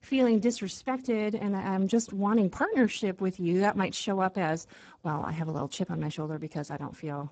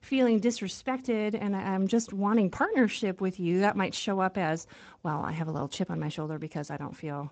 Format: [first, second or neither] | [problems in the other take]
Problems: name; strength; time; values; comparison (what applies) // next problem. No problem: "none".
second | garbled, watery; badly; nothing above 7.5 kHz; slightly in the second